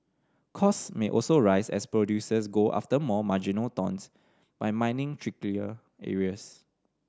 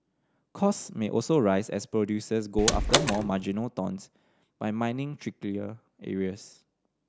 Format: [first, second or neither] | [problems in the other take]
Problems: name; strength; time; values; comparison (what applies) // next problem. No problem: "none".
first | background sound (Door); 2 dB above the speech